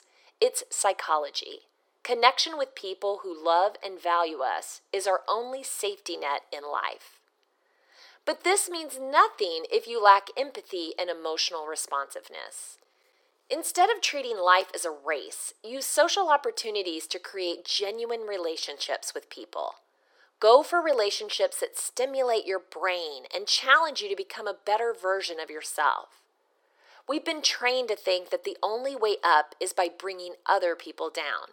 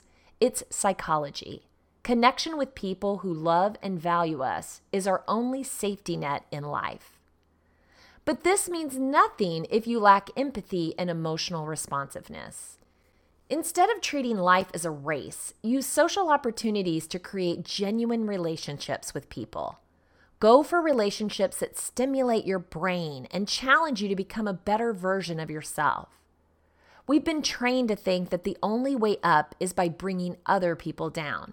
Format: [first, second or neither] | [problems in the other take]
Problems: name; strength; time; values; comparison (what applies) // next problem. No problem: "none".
second | thin; very; fading below 350 Hz